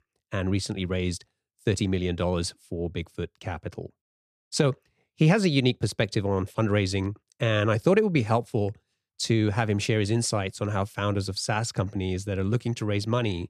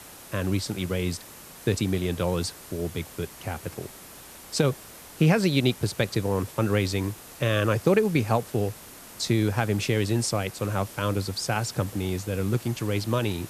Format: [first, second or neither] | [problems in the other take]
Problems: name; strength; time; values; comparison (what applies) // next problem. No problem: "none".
first | hiss; noticeable; throughout; 15 dB below the speech